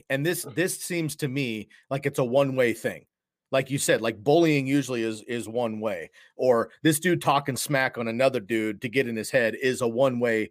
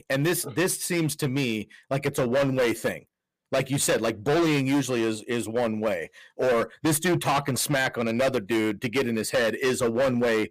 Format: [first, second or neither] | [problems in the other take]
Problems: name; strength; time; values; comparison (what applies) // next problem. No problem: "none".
first | distortion; heavy; 14% of the sound clipped